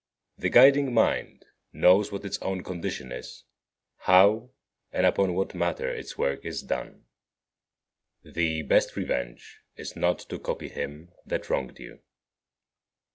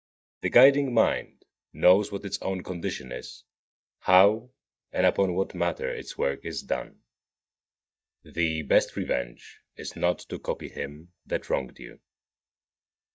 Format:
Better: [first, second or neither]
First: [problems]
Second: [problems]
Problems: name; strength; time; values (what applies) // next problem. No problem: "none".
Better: first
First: none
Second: noise reduction (neural mask model DeepFilterNet 3)